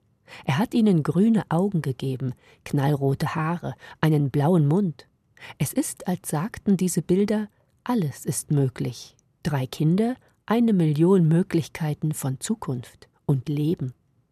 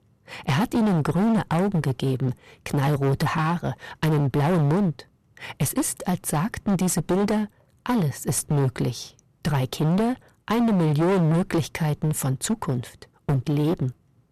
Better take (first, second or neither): first